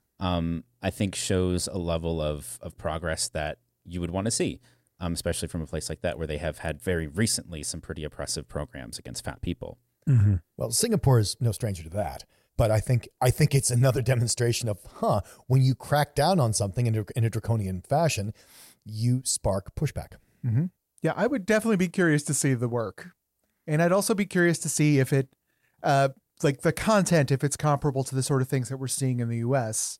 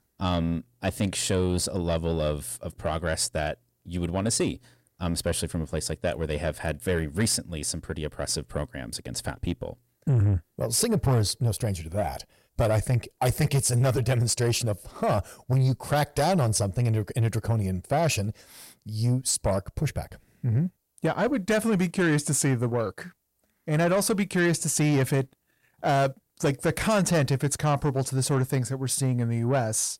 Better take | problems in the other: first | distortion; slight; 10 dB below the speech

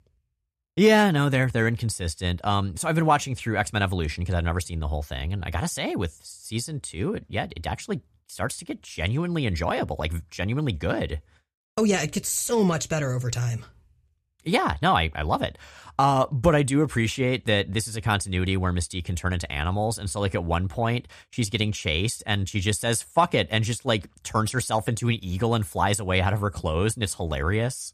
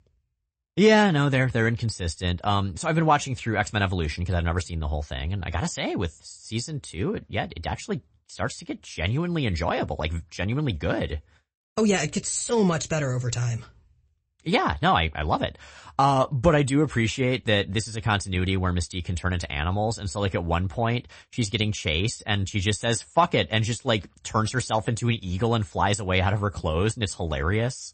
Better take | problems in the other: first | garbled, watery; slightly; nothing above 8 kHz

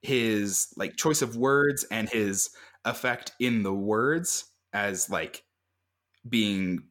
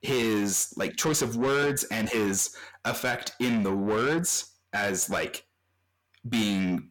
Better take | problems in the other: first | distortion; heavy; 8 dB below the speech

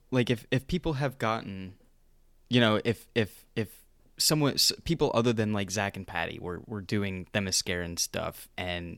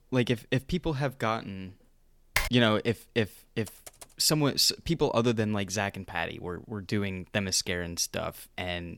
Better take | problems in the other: first | keyboard typing; noticeable; at 2.5 s; peak 1 dB below the speech // keyboard typing; faint; at 3.5 s; peak 20 dB below the speech

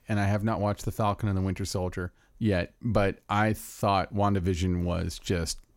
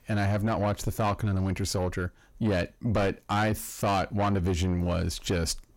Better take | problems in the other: first | distortion; slight; 10 dB below the speech

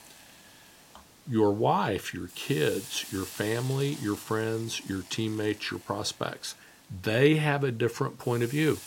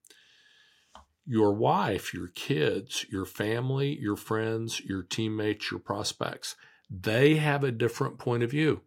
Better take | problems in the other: second | hiss; noticeable; throughout; 15 dB below the speech

